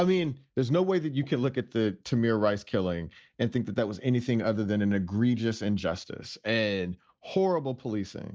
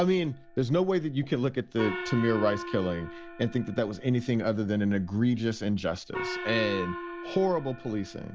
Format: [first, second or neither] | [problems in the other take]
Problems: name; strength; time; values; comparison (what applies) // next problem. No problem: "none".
first | background sound (Gong); 11 dB below the speech